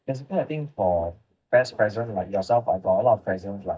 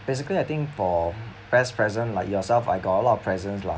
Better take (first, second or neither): second